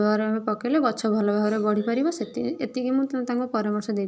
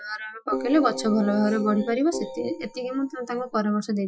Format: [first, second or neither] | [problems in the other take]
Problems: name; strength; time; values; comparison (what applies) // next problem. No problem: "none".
first | noise reduction (classical method Wiener filter)